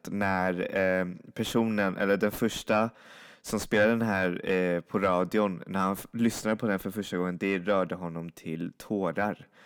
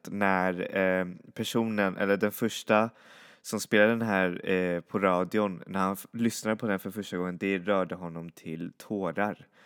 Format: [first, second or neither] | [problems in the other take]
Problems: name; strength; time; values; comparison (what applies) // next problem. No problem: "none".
second | distortion; slight; 10 dB below the speech